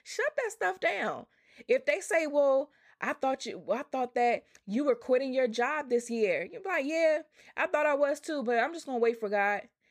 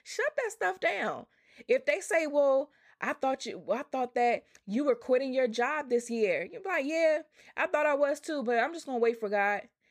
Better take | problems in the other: neither | none

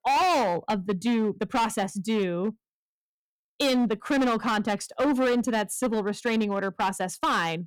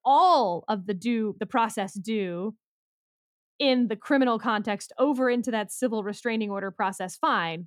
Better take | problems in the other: second | distortion; heavy; 16% of the sound clipped

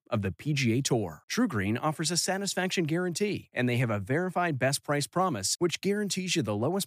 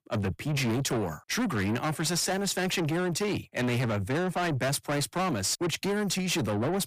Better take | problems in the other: first | distortion; heavy; 7 dB below the speech

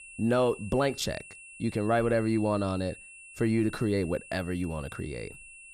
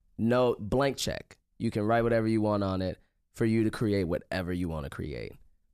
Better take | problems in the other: second | high-pitched whine; noticeable; throughout; 2.5 kHz, 15 dB below the speech

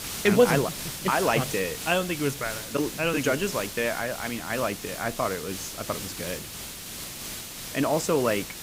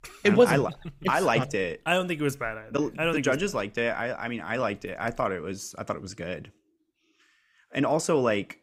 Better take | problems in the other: second | hiss; loud; throughout; 8 dB below the speech

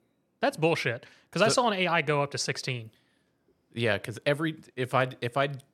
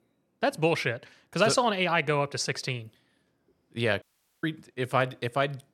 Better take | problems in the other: first | audio cutting out; at 4 s

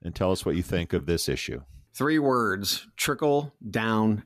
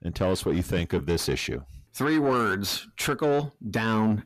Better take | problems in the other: first | distortion; slight; 10 dB below the speech

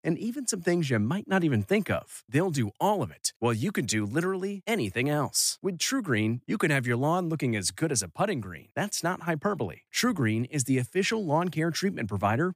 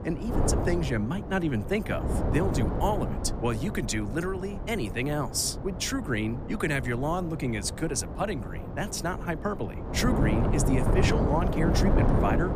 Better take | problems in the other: first | wind noise on the microphone; heavy; 4 dB below the speech

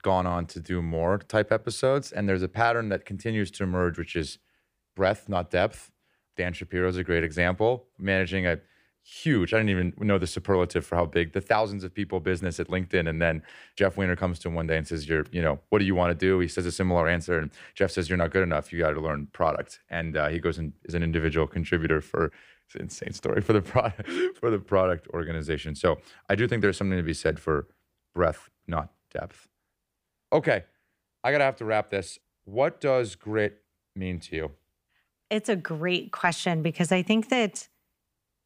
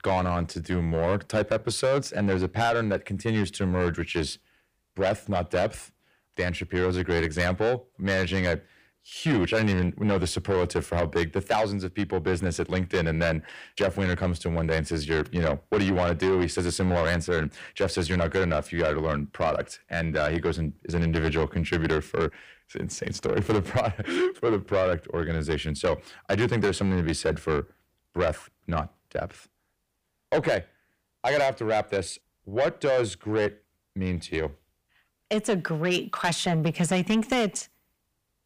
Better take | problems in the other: first | distortion; heavy; 8 dB below the speech

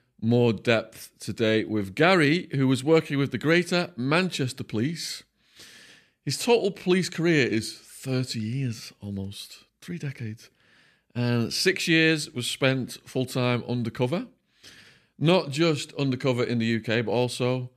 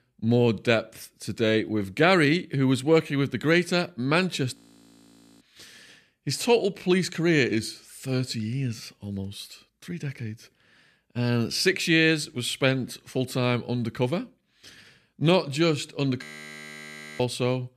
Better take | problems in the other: first | audio freezing; at 4.5 s for 1 s and at 16 s for 1 s

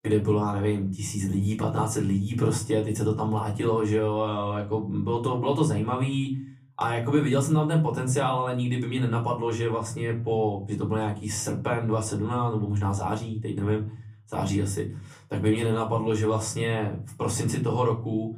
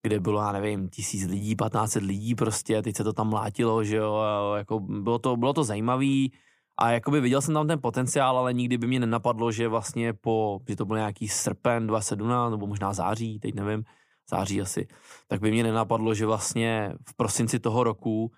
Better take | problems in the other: second | off-mic speech; far // room echo; very slight; dies away in 0.4 s

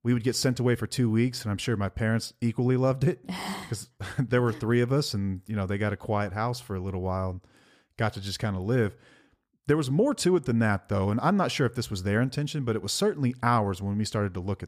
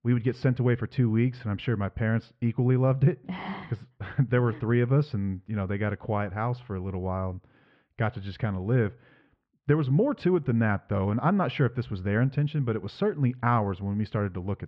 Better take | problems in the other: first | muffled; very; fading above 3 kHz

